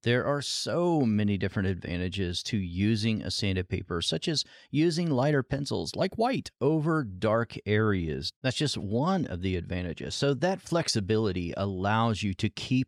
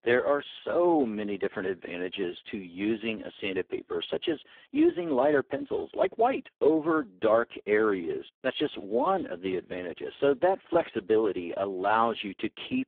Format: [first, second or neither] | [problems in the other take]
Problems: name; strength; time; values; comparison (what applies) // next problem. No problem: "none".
first | phone-call audio; poor line